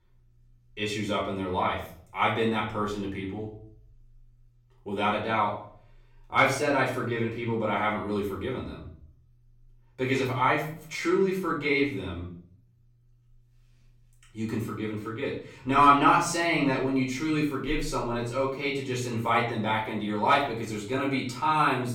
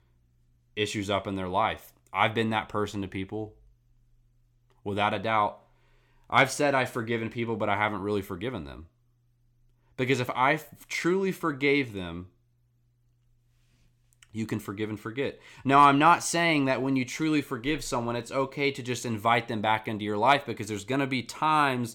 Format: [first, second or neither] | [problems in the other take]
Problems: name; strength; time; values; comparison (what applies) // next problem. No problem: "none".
second | room echo; slight; dies away in 0.5 s // off-mic speech; far